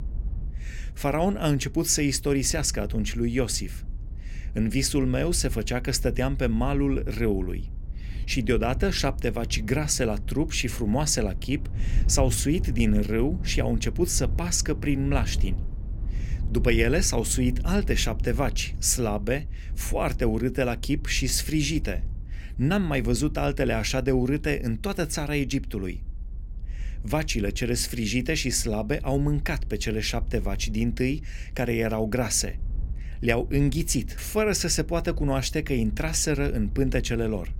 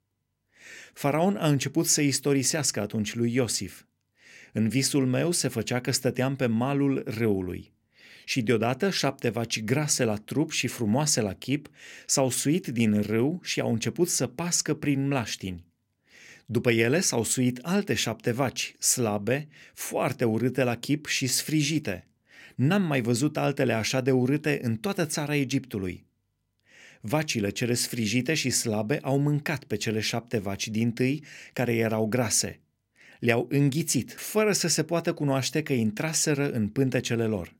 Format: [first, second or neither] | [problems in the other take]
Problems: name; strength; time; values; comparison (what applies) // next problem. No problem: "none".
second | low rumble; faint; throughout; 25 dB below the speech